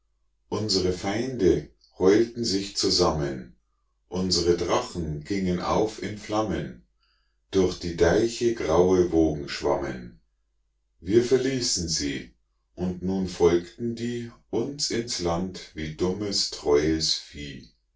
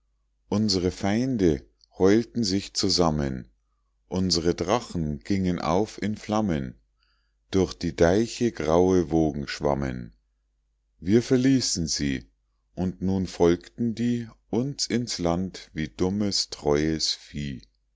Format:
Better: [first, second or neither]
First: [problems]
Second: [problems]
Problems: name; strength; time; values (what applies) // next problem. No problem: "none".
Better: second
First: room echo; dies away in 0.2 s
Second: none